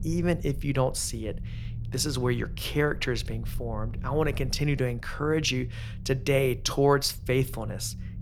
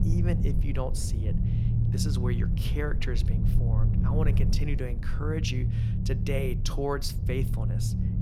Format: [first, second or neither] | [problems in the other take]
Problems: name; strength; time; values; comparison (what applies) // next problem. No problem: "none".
first | low rumble; loud; throughout; 4 dB below the speech; faint in the first